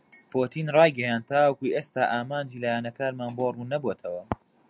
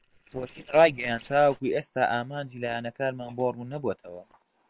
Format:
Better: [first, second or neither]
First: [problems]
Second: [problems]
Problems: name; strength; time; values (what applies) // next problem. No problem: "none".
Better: first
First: none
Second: noise reduction (neural separator model SepFormer WHAM!)